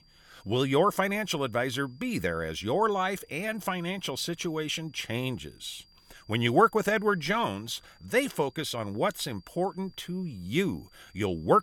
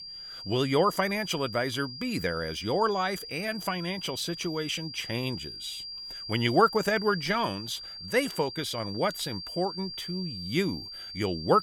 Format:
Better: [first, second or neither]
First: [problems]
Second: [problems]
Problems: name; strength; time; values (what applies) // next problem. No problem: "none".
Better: first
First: high-pitched whine; faint; throughout; 5 kHz, 30 dB below the speech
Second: high-pitched whine; loud; throughout; 5 kHz, 9 dB below the speech